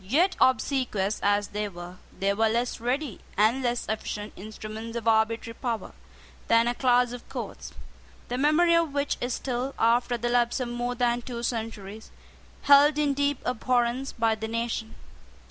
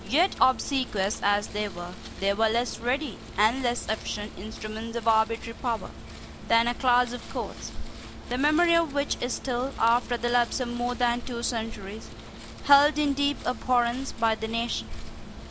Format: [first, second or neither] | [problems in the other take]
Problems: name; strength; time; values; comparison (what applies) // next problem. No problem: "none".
first | background sound (Wind); 14 dB below the speech